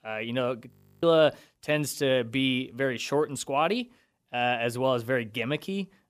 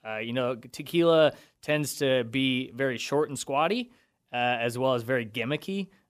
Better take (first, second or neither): second